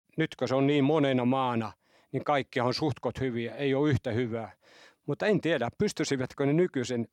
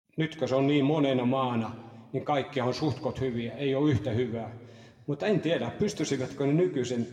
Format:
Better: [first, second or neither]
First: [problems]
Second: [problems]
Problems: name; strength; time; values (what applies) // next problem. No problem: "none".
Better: first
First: none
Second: room echo; slight; dies away in 1.2 s